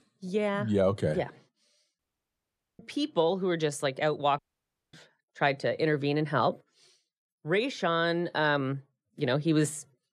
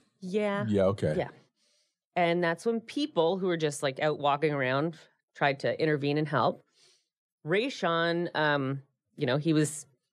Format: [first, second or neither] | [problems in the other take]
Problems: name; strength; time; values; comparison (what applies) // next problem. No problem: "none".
second | audio cutting out; at 2 s for 1 s and at 4.5 s for 0.5 s